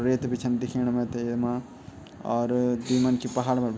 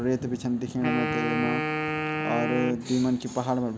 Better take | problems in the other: first | background sound (Wind instrument, woodwind instrument); 3 dB below the speech

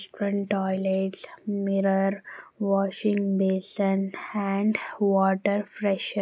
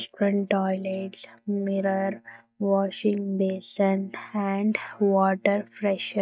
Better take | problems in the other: first | noise reduction (neural mask model DeepFilterNet 3)

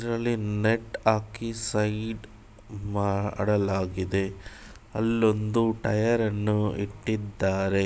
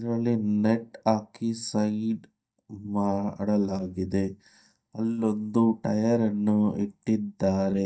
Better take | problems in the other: first | noise reduction (neural mask model DeepFilterNet 3)

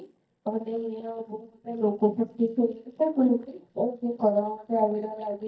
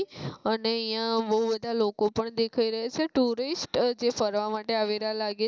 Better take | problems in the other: second | noise reduction (neural mask model DeepFilterNet 3)

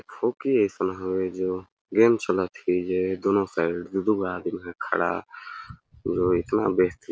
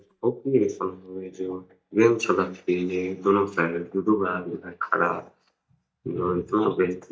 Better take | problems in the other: first | noise reduction (neural mask model DeepFilterNet 3)

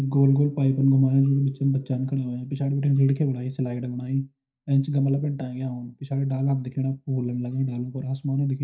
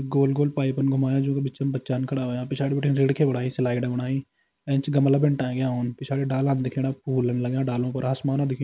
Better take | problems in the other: second | noise reduction (neural mask model DeepFilterNet 3)

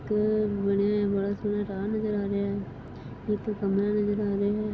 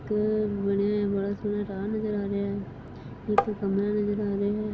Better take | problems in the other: first | background sound (Tap); 1 dB above the speech

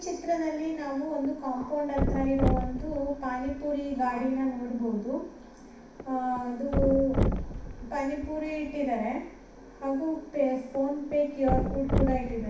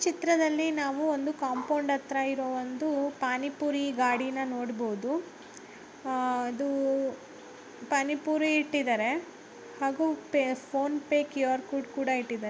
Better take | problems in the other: second | background sound (Thump, thud); 3 dB below the speech // room echo; dies away in 0.6 s

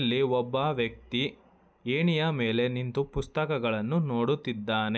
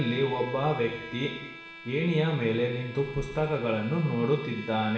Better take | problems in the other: first | background sound (Bowed string instrument); 15 dB below the speech // room echo; dies away in 0.9 s

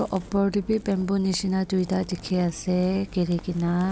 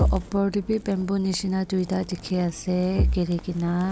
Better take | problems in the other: first | background sound (Bass drum); 1 dB above the speech

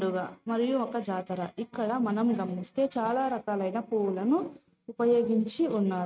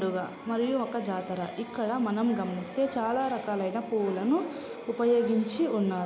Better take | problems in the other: second | noise reduction (neural mask model RNNoise)

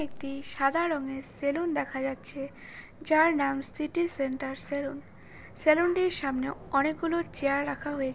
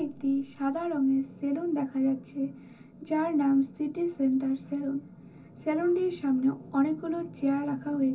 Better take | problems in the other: first | room echo; dies away in 0.3 s

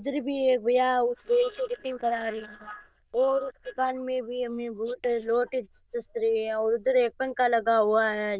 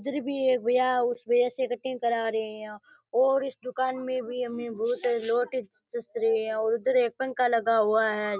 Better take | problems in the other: second | noise reduction (neural diffusion model UNIVERSE++)

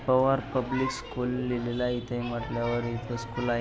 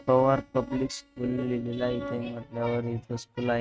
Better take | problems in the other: first | noise reduction (neural mask model RNNoise)

